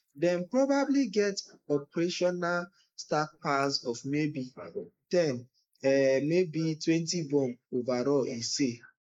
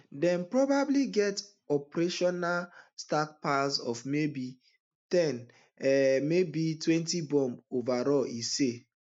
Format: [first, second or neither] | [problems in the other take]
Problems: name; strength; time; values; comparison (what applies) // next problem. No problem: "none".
second | noise reduction (neural mask model Resemble Enhance denoiser)